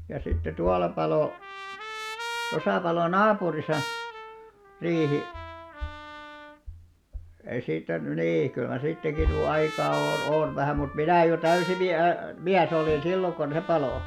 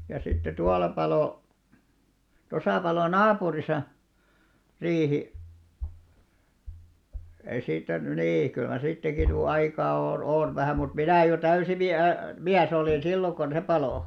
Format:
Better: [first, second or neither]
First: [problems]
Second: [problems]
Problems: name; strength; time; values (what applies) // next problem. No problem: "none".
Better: second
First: background sound (Trumpet); 13 dB below the speech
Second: none